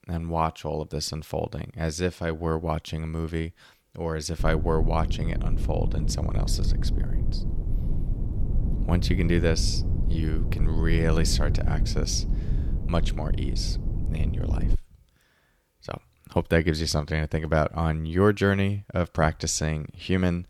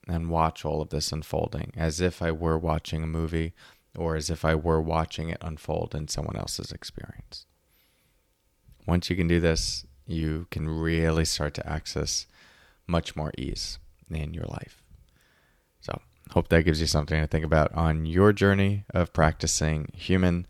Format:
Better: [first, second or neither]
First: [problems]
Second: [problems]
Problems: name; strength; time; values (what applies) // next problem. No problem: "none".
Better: second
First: low rumble; noticeable; from 4.5 to 15 s; 15 dB below the speech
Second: none